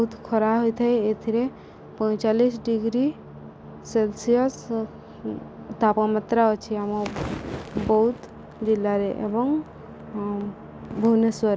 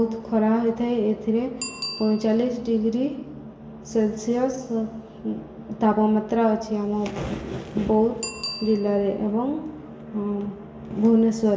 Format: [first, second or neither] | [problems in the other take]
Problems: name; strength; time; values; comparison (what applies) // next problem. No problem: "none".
first | background sound (Bicycle bell); 19 dB below the speech // room echo; dies away in 1.1 s